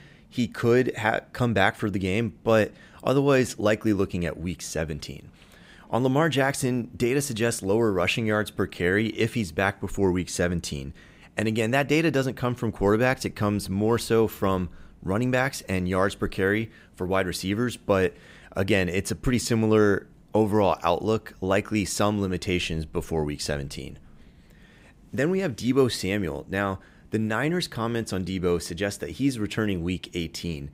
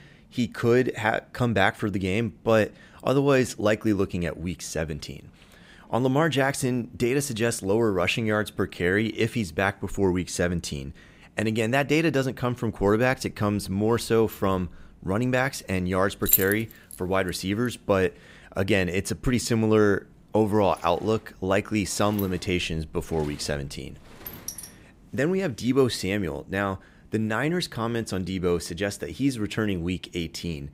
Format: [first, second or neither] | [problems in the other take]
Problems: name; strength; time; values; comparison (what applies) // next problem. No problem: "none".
first | jangling keys; loud; at 16 s; peak 4 dB above the speech // door banging; faint; from 21 to 25 s; peak 10 dB below the speech